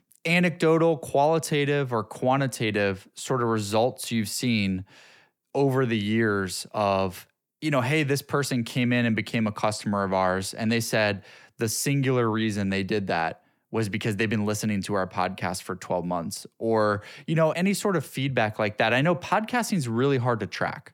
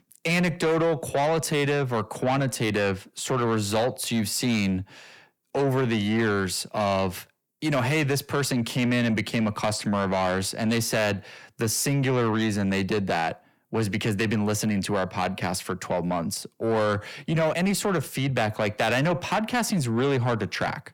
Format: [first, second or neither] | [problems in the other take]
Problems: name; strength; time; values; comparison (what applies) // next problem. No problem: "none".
first | distortion; slight; 10 dB below the speech